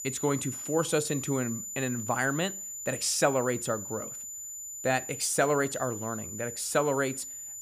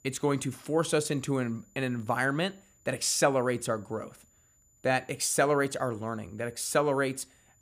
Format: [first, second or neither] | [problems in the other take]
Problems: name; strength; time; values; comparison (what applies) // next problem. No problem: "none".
second | high-pitched whine; loud; throughout; 7 kHz, 7 dB below the speech; faint in the second